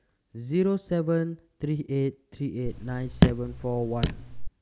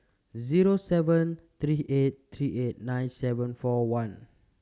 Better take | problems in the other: second | background sound (Raindrop / Drip); 2 dB above the speech

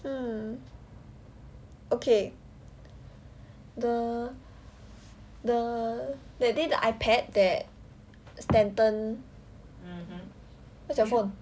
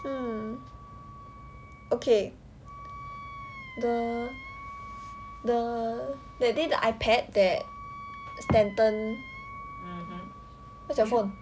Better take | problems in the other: first | background sound (Wind instrument, woodwind instrument); 15 dB below the speech

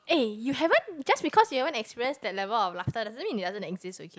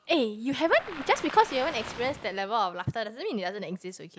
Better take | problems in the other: first | background sound (Waves, surf); 13 dB below the speech

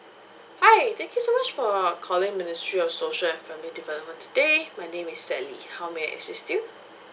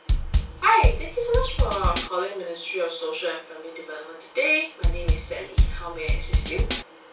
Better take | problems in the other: first | background sound (Drum kit); 4 dB above the speech // room echo; dies away in 0.2 s

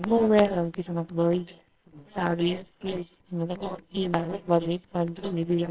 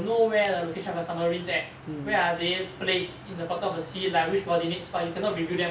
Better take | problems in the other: second | noise reduction (neural separator model SepFormer WHAMR!)

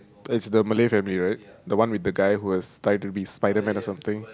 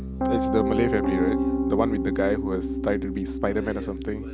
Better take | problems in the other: first | background sound (Piano); 1 dB above the speech

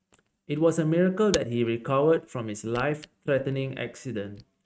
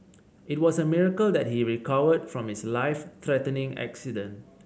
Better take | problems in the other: second | noise reduction (neural mask model RNNoise)

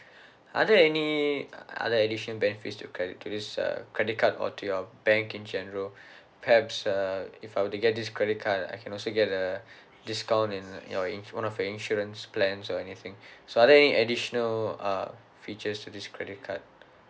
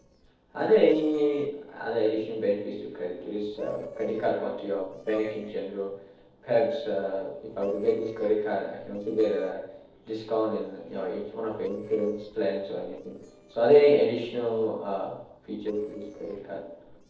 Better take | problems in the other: first | noise reduction (neural separator model SepFormer DNS4)

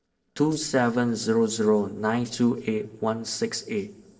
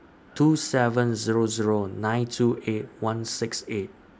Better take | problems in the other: second | noise reduction (neural separator model SepFormer DNS4)

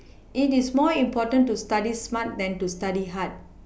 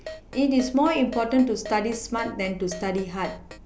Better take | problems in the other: first | background sound (Keyboard (musical)); 16 dB below the speech

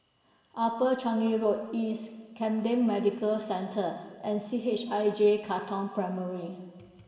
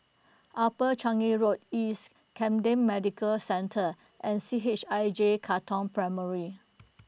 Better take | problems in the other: second | room echo; dies away in 2.1 s

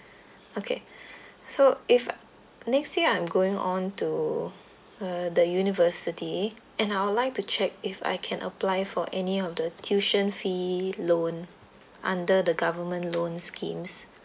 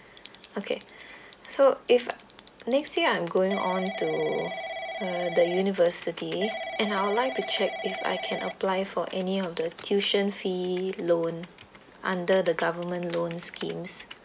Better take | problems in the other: first | background sound (Telephone / Typing); 11 dB below the speech

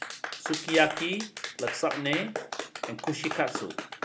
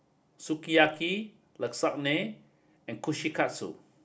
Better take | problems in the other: second | background sound (Clapping); 6 dB below the speech

